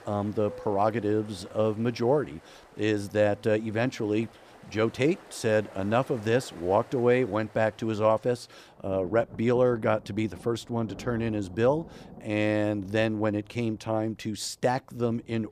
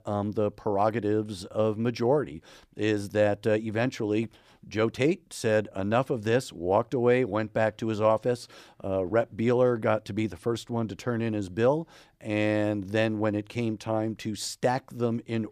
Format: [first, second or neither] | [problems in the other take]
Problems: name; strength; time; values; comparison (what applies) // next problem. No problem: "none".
second | rain or running water; faint; throughout; 20 dB below the speech